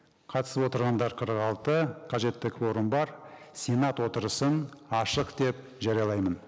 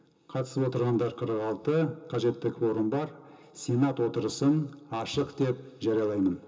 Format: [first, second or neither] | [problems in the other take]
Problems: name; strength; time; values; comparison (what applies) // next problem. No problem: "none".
first | room echo; dies away in 0.2 s